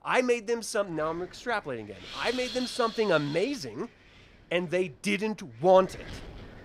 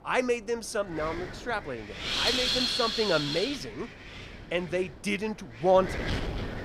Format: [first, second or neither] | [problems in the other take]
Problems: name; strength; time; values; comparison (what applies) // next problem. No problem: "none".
first | wind noise on the microphone; heavy; as loud as the speech; occasional gusts in the first